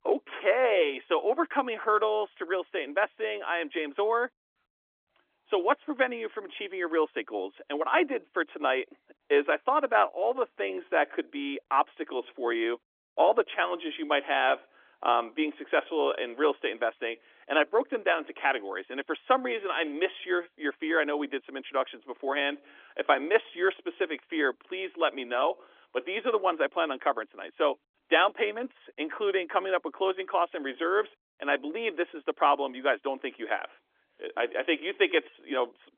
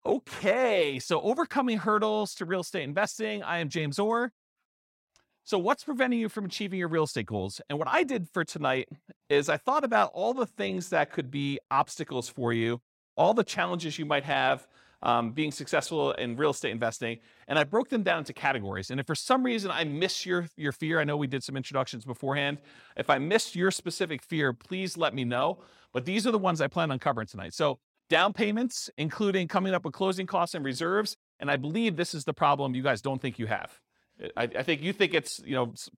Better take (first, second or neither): second